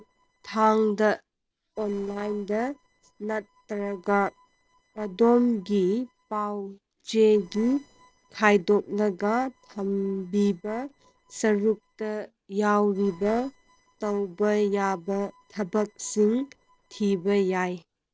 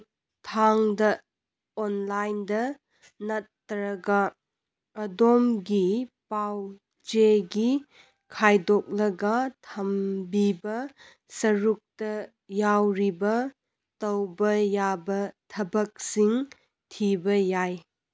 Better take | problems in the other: second | noise reduction (neural separator model SepFormer DNS4)

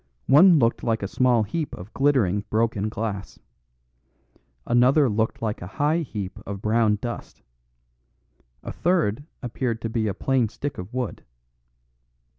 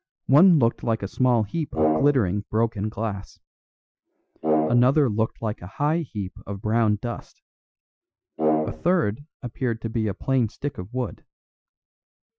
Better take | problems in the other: first | noise reduction (classical method Wiener filter)

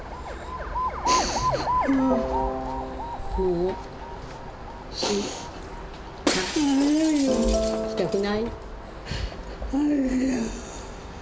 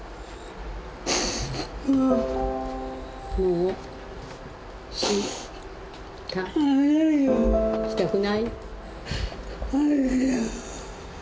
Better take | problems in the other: second | background sound (Shatter + Alarm); 5 dB below the speech

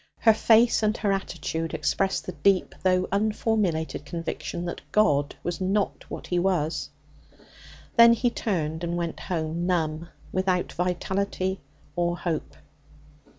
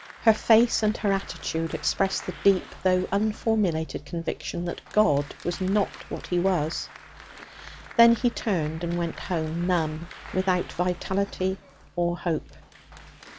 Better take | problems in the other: first | background sound (Applause); 20 dB below the speech

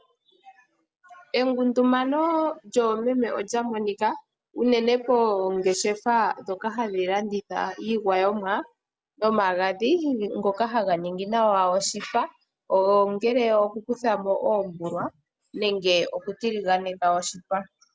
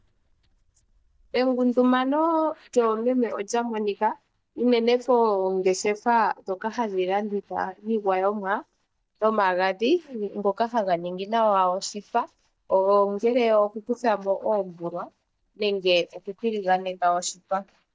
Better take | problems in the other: first | noise reduction (neural mask model DeepFilterNet 3)

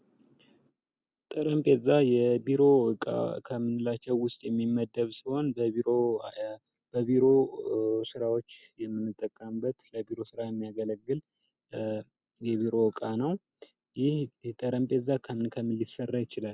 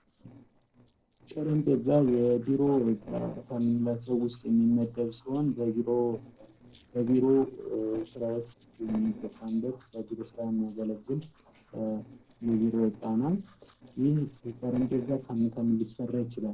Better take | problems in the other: first | noise reduction (neural separator model SepFormer DNS4)

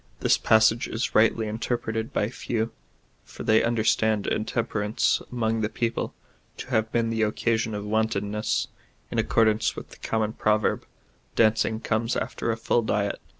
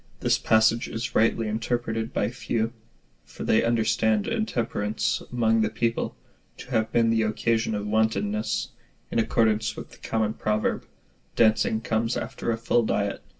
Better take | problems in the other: first | room echo; dies away in 0.2 s

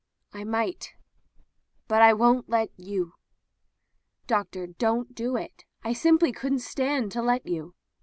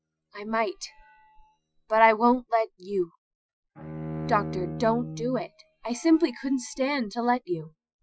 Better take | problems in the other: first | noise reduction (classical method Wiener filter)

